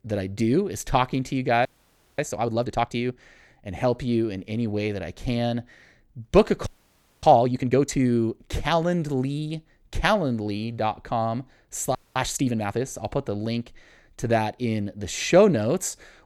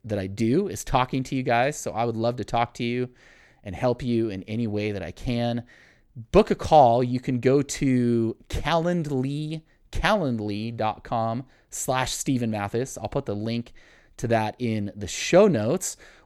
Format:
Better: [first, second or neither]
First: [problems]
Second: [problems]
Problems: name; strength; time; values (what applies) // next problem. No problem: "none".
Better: second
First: audio freezing; at 1.5 s for 0.5 s, at 6.5 s for 0.5 s and at 12 s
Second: none